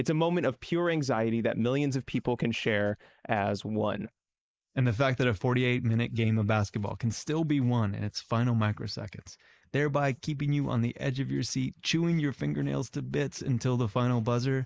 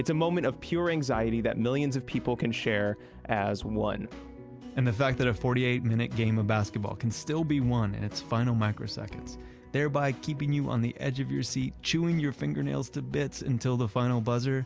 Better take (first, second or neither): second